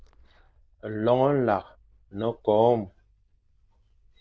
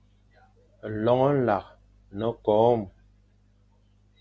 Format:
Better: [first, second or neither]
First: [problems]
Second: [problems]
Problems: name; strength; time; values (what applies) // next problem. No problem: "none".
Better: second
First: noise reduction (neural diffusion model UNIVERSE++)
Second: none